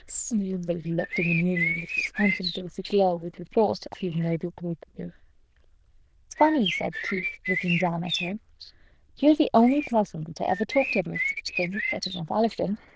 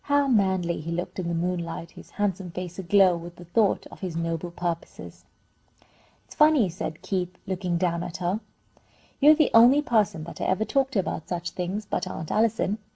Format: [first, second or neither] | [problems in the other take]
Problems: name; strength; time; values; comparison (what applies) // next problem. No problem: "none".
second | noise reduction (neural diffusion model UNIVERSE++)